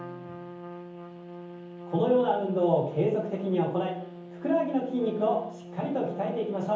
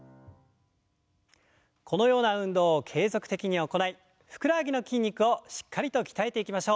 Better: second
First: background sound (Trumpet); 13 dB below the speech // room echo; dies away in 0.7 s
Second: none

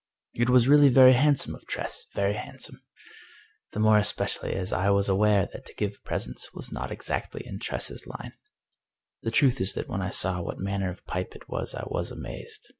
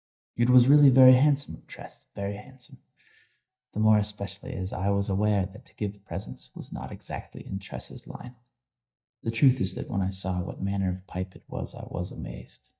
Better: first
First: none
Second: noise reduction (neural mask model DeepFilterNet 3)

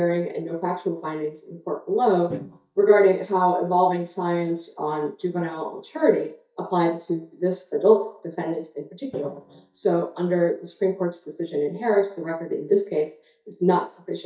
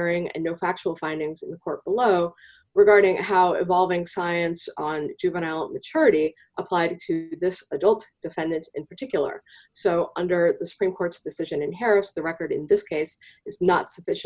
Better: second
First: noise reduction (neural mask model DeepFilterNet 3)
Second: none

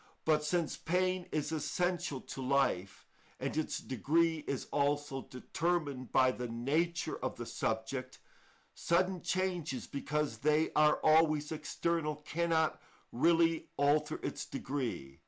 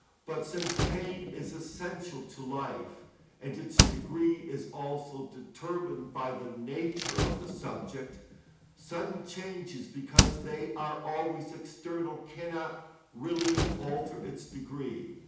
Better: first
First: none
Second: background sound (Slam); 2 dB above the speech // room echo; dies away in 0.8 s

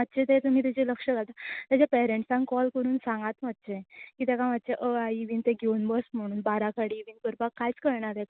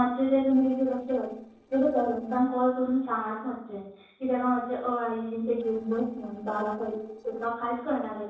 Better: first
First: none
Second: noise reduction (neural separator model SepFormer DNS4)

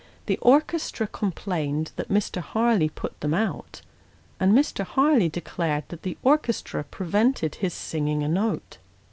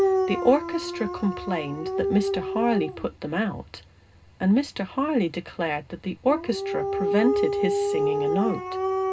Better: first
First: none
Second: background sound (Dog); 2 dB below the speech // room echo; dies away in 0.2 s

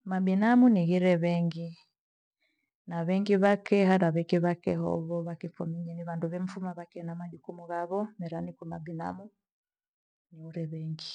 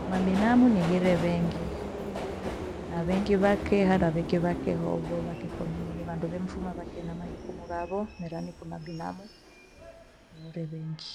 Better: first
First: none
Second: background sound (Subway, metro, underground); 7 dB below the speech

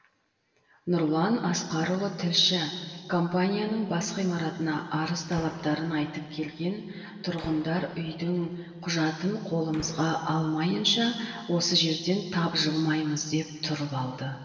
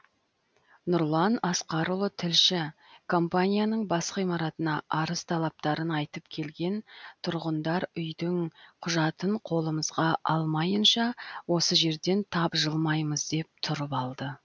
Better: second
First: background sound (Gunshot, gunfire); 19 dB below the speech // room echo; dies away in 2.3 s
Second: none

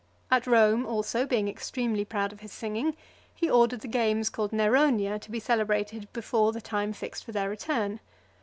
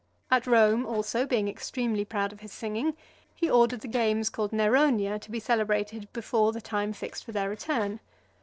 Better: first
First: none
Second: noise reduction (neural separator model SepFormer DNS4)

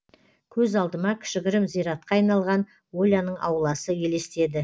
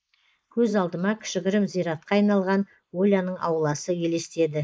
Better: first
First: none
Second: noise reduction (neural mask model Resemble Enhance denoiser)

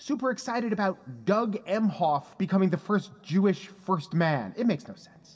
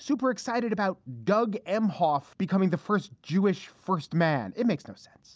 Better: second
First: room echo; dies away in 1.9 s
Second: none

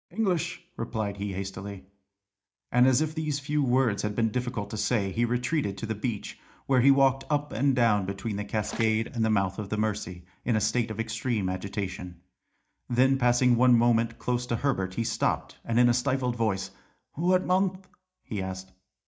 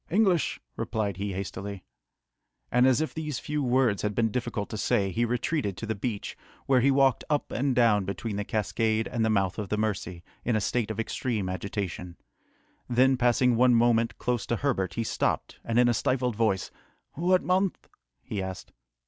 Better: second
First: noise reduction (neural mask model DeepFilterNet 3)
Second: none

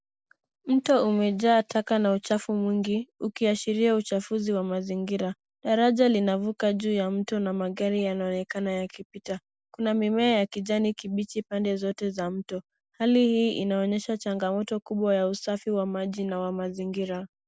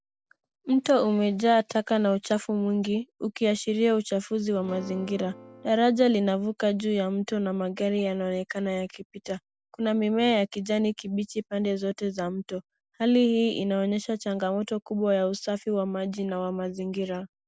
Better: first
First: none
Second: background sound (Acoustic guitar / Strum); 19 dB below the speech

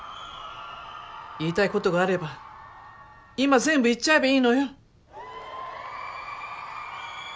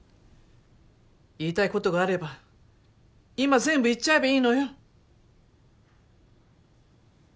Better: second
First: background sound (Crowd / Cheering); 14 dB below the speech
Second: none

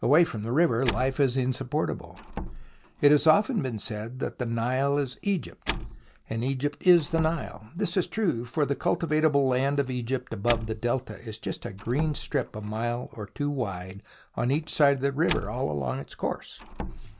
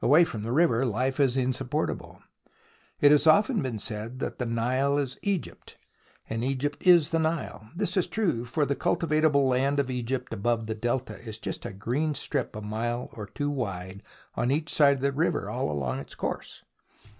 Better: second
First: background sound (Slam); 13 dB below the speech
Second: none

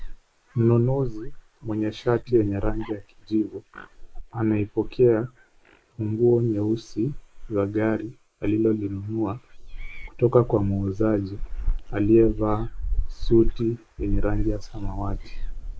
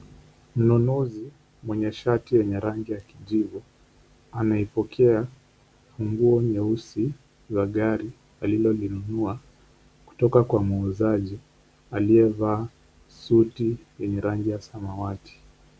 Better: second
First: noise reduction (neural mask model Resemble Enhance denoiser)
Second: none

